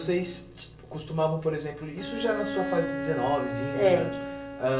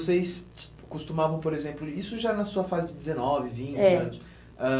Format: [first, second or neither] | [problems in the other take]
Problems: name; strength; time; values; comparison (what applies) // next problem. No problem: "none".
second | background sound (Bowed string instrument); 7 dB below the speech // room echo; dies away in 0.6 s